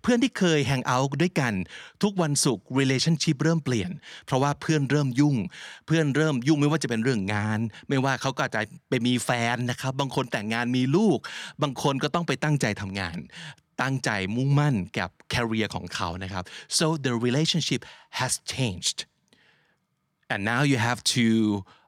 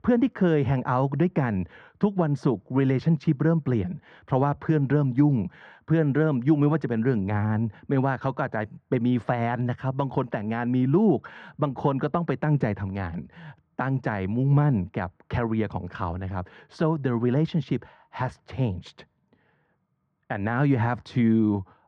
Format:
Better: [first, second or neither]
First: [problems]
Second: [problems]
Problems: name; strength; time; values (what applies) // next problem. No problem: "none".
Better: first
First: none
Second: muffled; very; fading above 1 kHz